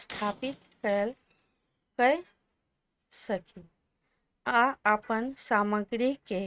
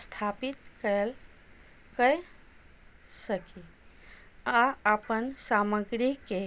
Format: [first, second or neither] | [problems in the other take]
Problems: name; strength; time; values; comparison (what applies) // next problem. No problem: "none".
second | noise reduction (neural mask model RNNoise)